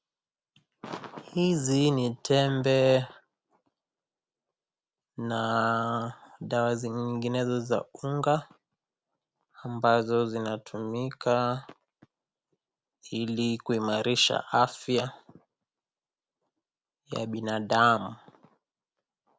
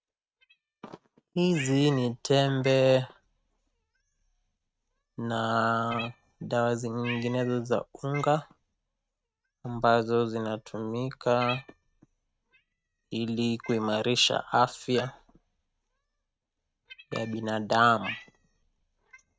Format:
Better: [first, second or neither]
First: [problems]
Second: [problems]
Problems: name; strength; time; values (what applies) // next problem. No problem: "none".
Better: first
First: none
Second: noise reduction (neural mask model RNNoise)